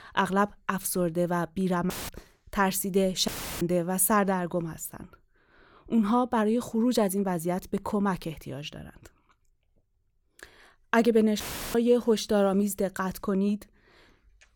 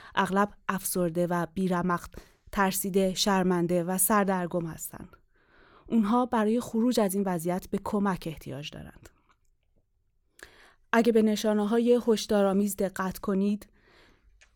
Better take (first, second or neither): second